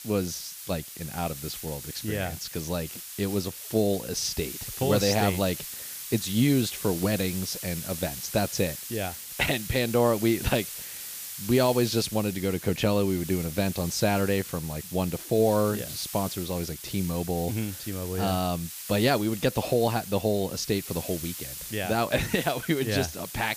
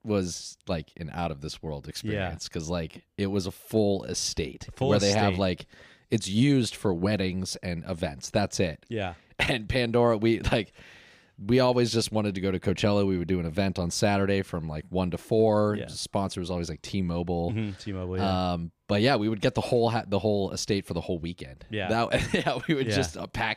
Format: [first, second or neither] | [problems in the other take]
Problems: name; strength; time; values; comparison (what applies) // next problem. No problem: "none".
second | hiss; loud; throughout; 9 dB below the speech